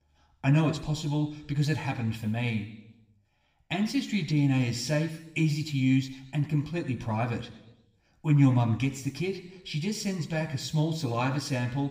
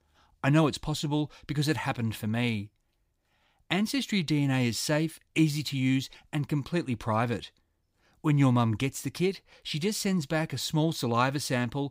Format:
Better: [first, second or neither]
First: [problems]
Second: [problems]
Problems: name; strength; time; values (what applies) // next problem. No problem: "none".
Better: second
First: room echo; slight; dies away in 0.8 s // off-mic speech; somewhat distant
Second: none